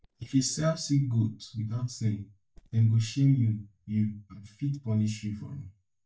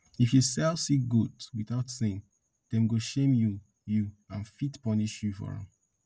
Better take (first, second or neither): second